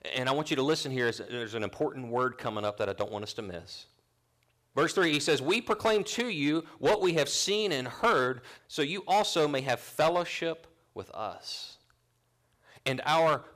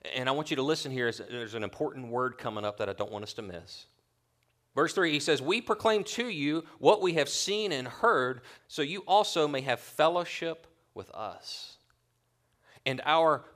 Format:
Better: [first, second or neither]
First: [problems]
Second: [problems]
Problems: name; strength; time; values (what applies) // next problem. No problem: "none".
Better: second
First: distortion; slight; 3% of the sound clipped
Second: none